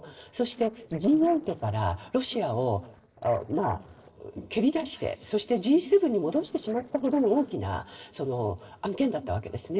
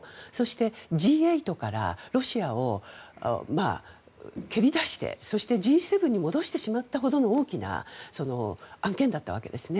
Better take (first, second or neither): second